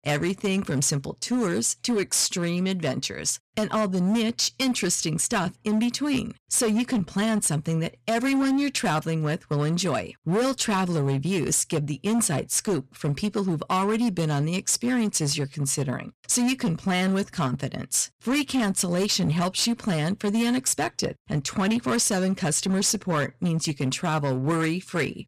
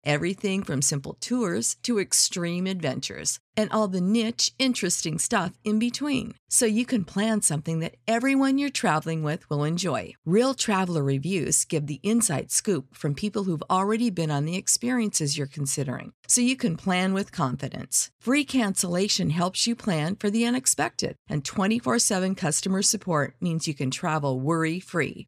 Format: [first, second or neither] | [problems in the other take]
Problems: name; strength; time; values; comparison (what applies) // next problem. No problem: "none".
second | distortion; slight; 14% of the sound clipped